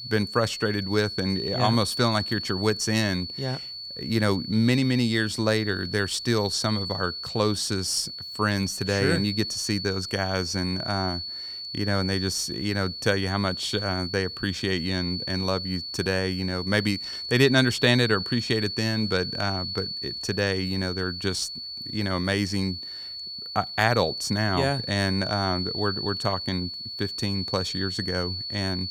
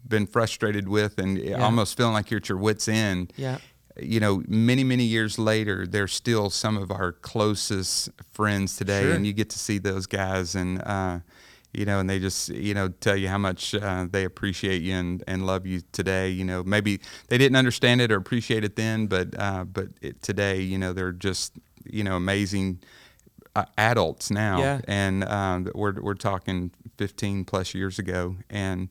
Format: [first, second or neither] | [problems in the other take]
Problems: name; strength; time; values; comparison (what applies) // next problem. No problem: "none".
second | high-pitched whine; loud; throughout; 4.5 kHz, 5 dB below the speech